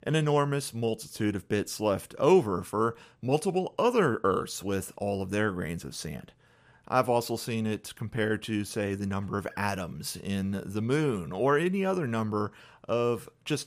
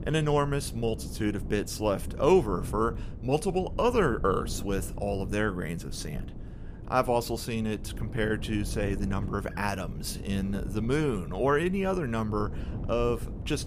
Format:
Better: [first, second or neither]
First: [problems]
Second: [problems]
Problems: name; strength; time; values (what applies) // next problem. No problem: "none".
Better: first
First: none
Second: wind noise on the microphone; occasional gusts; 20 dB below the speech